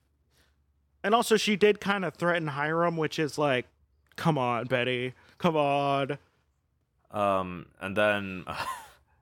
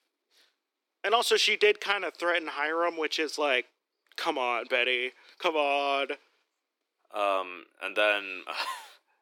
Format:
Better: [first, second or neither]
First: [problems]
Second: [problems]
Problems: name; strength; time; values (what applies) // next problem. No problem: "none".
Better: first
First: none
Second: thin; somewhat; fading below 300 Hz